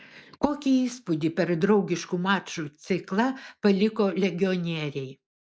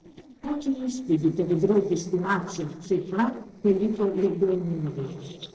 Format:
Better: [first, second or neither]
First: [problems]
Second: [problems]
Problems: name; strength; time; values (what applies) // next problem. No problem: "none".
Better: first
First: none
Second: noise reduction (neural separator model SepFormer DNS4)